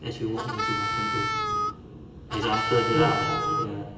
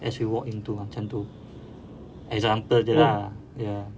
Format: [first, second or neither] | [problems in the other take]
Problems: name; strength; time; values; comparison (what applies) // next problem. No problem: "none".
second | background sound (Harmonica); as loud as the speech // room echo; dies away in 2.5 s